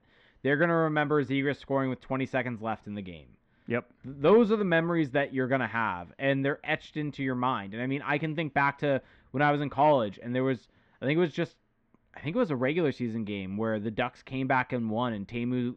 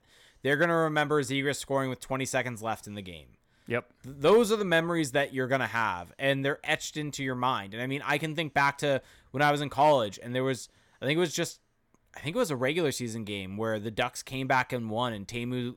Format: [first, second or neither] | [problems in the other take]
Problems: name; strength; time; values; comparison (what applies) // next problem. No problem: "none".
second | muffled; very; fading above 3 kHz